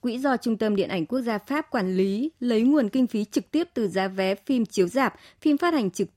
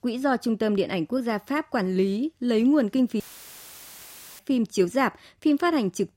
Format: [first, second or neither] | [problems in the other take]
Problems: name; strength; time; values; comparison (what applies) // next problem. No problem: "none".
first | audio cutting out; filled with static; at 3 s for 1 s